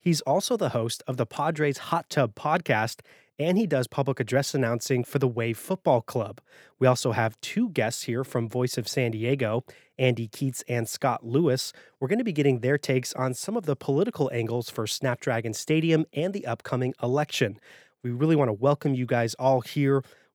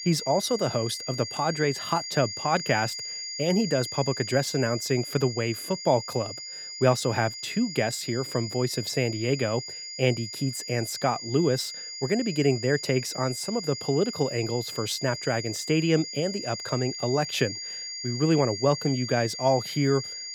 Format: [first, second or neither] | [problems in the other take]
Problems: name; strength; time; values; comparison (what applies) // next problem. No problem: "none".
first | high-pitched whine; loud; throughout; 5 kHz, 7 dB below the speech